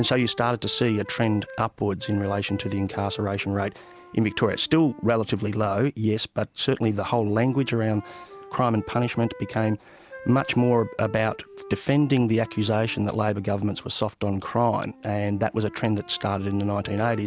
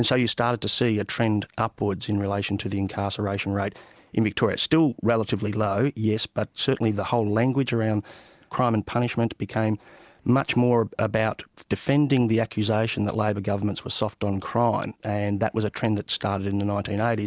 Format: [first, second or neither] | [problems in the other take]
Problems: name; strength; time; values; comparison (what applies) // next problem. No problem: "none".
second | background sound (Wind instrument, woodwind instrument); 19 dB below the speech